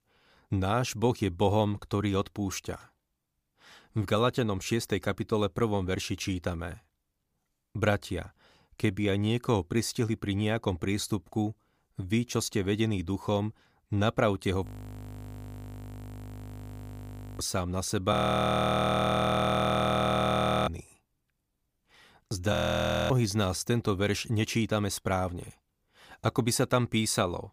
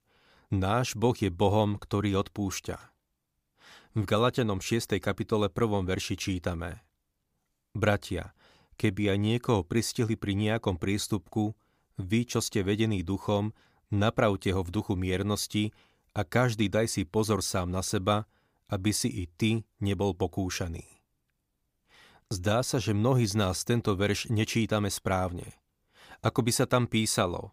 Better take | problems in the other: second | audio freezing; at 15 s for 2.5 s, at 18 s for 2.5 s and at 23 s for 0.5 s

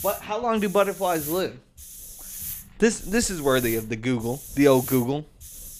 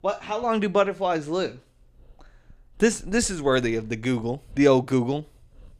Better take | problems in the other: second | hiss; noticeable; throughout; 10 dB below the speech

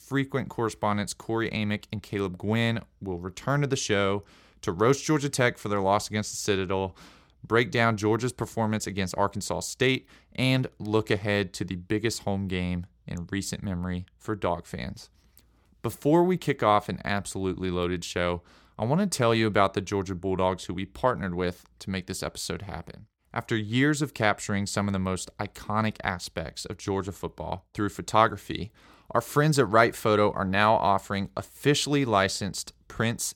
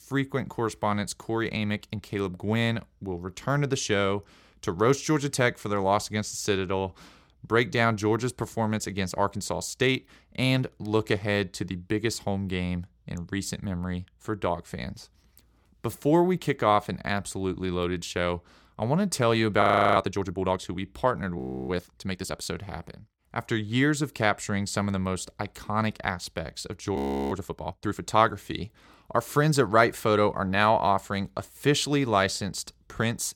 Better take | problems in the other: first | audio freezing; at 20 s, at 21 s and at 27 s

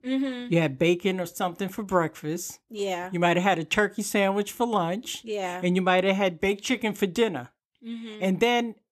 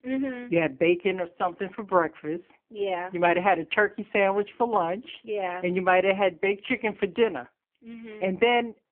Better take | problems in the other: first | phone-call audio; poor line; nothing above 3 kHz

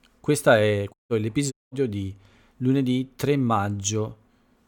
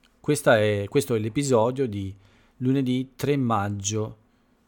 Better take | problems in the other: second | audio cutting out; at 1 s and at 1.5 s

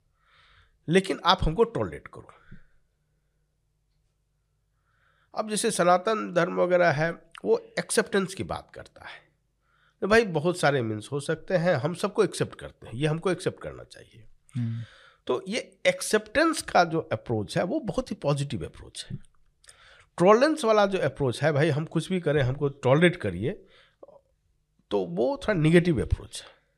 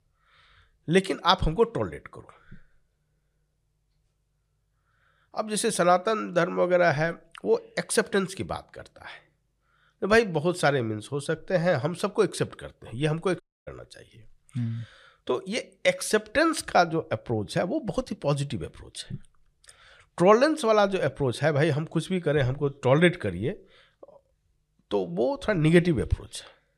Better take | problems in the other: first | audio cutting out; at 13 s

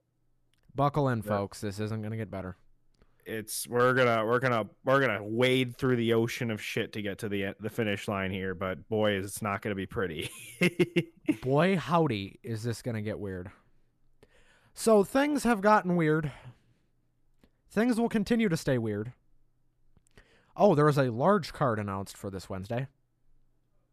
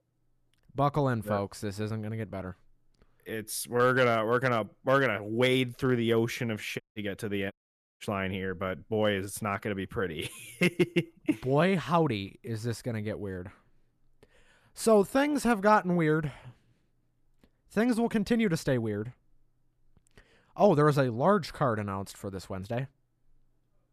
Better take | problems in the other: first | audio cutting out; at 7 s and at 7.5 s

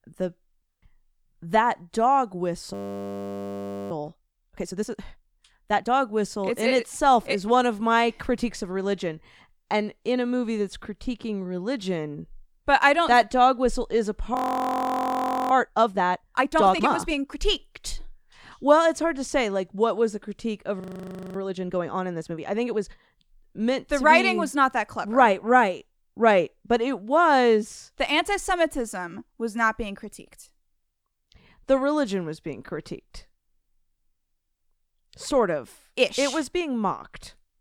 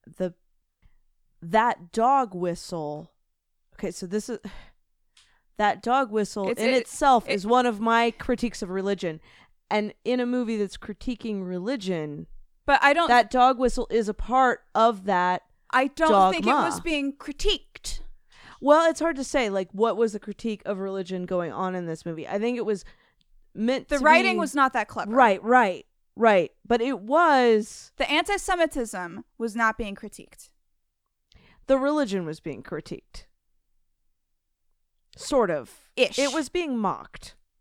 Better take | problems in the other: second | audio freezing; at 2.5 s for 1 s, at 14 s for 1 s and at 21 s for 0.5 s

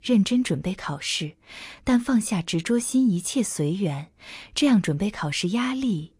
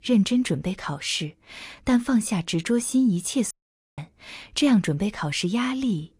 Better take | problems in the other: first | audio cutting out; at 3.5 s

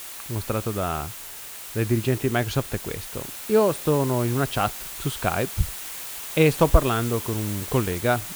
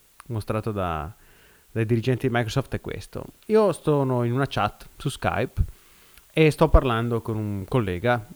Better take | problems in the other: second | hiss; loud; throughout; 8 dB below the speech; faint in the second

